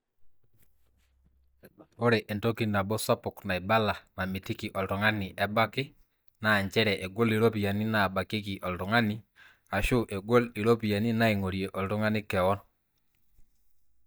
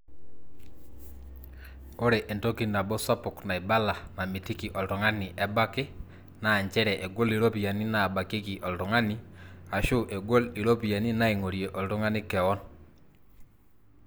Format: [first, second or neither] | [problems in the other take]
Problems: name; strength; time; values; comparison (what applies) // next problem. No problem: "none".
second | noise reduction (neural mask model DeepFilterNet 3)